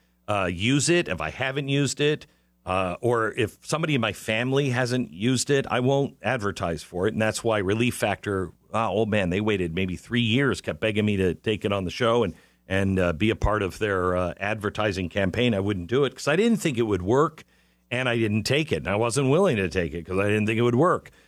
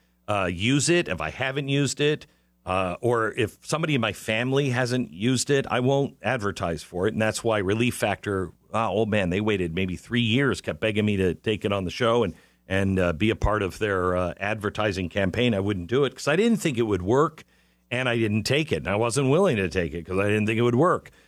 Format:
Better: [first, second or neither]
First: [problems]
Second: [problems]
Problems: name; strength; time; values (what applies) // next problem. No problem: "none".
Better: neither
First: none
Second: none